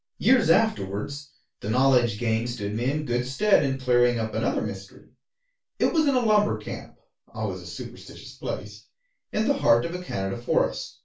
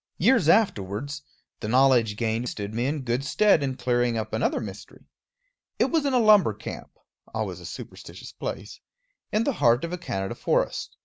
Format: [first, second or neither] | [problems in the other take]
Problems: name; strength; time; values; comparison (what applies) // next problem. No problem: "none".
second | room echo; dies away in 0.2 s